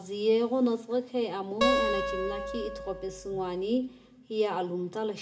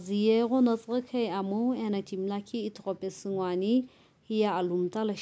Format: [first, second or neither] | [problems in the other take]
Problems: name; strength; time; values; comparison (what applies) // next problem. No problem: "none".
second | background sound (Acoustic guitar); 2 dB below the speech // room echo; dies away in 0.6 s